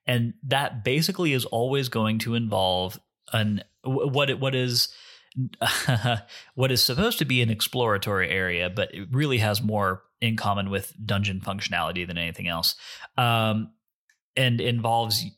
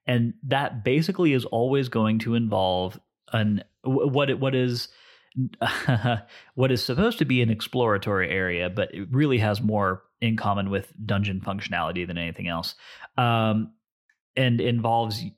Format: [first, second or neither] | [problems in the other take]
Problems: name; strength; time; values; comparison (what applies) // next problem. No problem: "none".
first | muffled; slightly; fading above 3.5 kHz